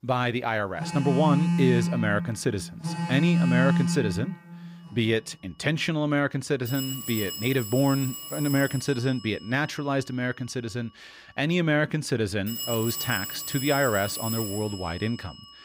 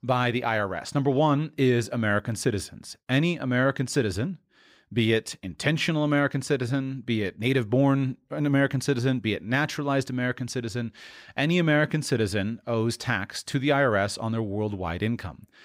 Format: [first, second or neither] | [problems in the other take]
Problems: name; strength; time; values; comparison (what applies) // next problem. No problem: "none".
second | alarms or sirens; loud; throughout; 2 dB below the speech